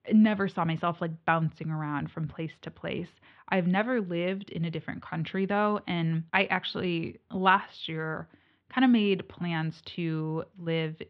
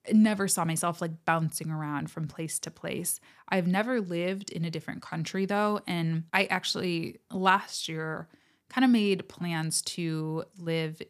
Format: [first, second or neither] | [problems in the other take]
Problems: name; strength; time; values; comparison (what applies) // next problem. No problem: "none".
second | muffled; very; fading above 3.5 kHz